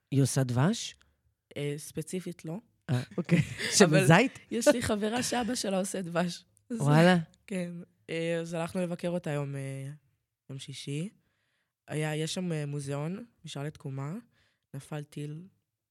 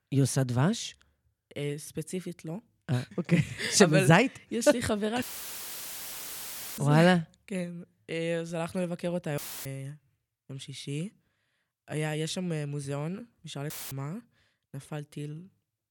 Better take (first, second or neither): first